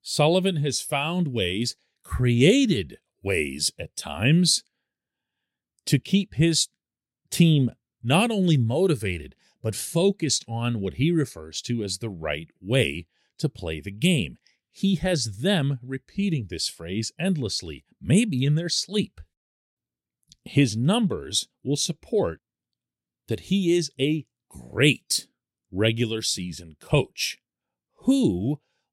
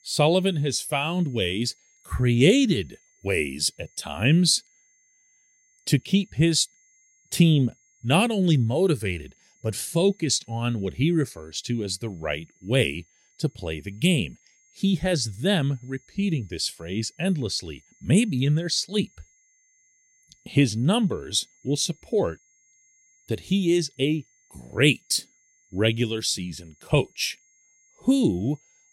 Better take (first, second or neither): first